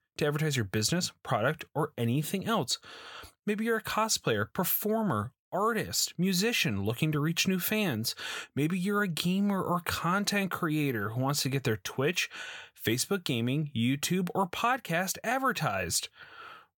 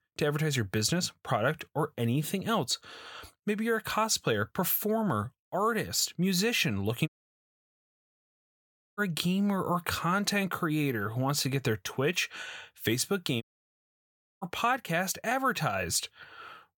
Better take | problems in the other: first | audio cutting out; at 7 s for 2 s and at 13 s for 1 s

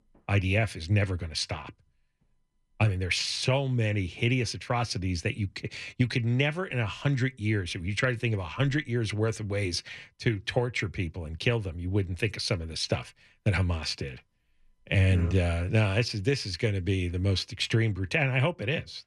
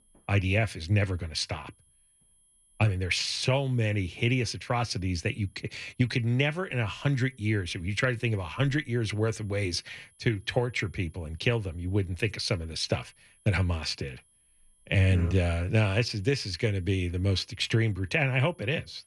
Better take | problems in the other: first | high-pitched whine; faint; throughout; 10.5 kHz, 35 dB below the speech

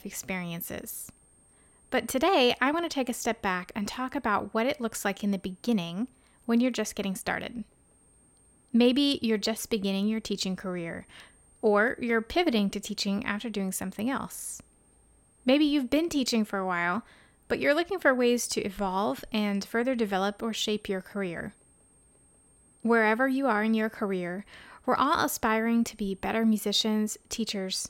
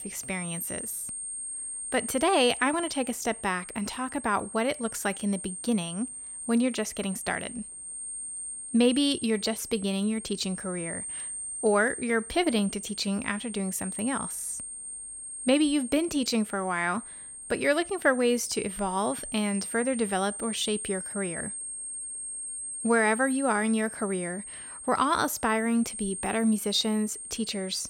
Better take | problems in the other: first | high-pitched whine; loud; throughout; 8.5 kHz, 8 dB below the speech; faint in the first

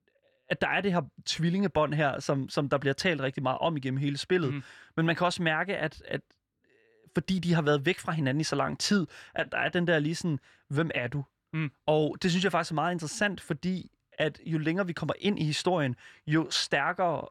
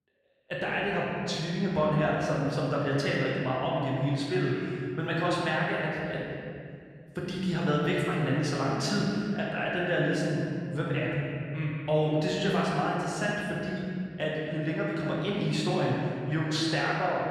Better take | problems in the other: first | room echo; strong; dies away in 2.2 s // off-mic speech; far

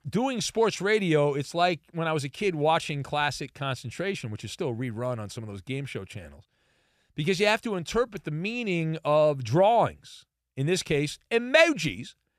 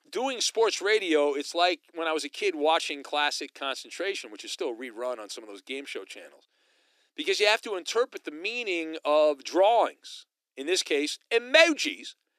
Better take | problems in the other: first | thin; somewhat; fading below 300 Hz

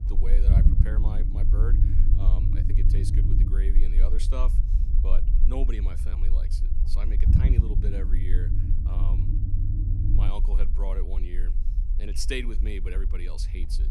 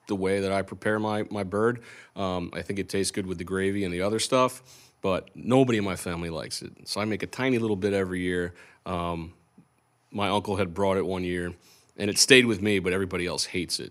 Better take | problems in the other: second | low rumble; loud; throughout; 3 dB below the speech

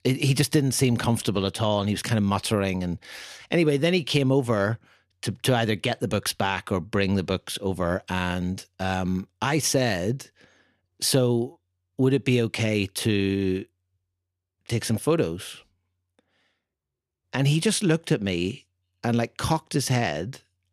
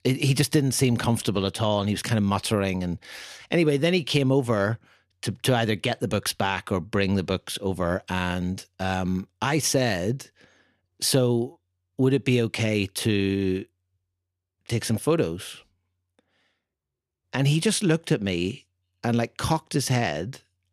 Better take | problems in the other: neither | none

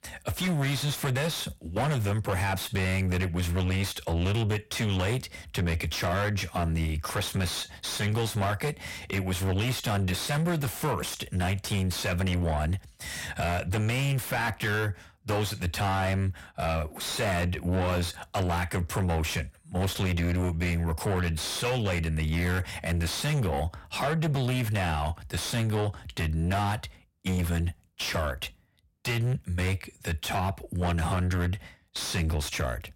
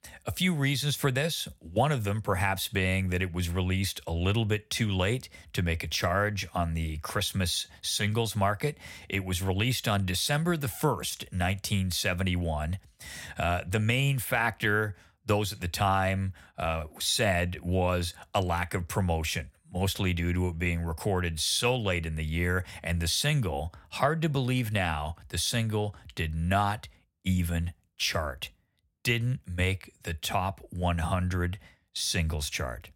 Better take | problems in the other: second | distortion; heavy; 6 dB below the speech

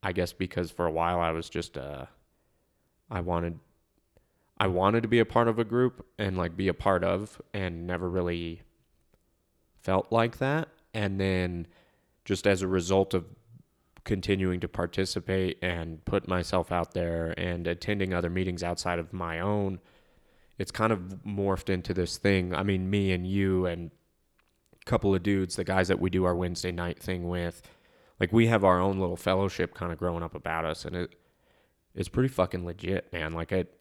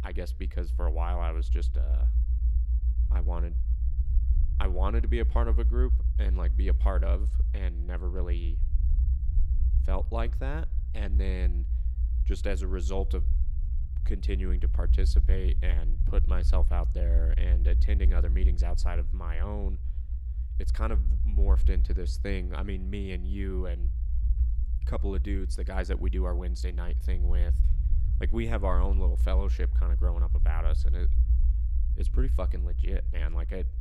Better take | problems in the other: first | low rumble; noticeable; throughout; 10 dB below the speech

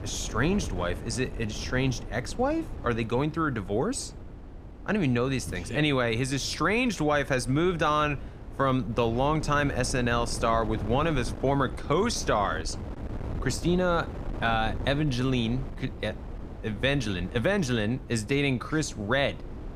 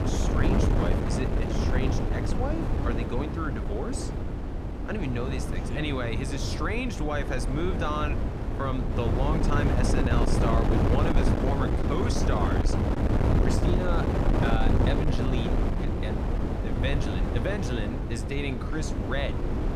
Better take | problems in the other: first | wind noise on the microphone; heavy; as loud as the speech; occasional gusts in the first

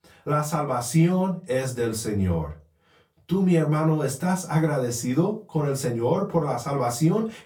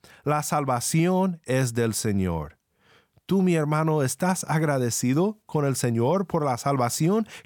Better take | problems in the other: second | off-mic speech; far // room echo; very slight; dies away in 0.2 s

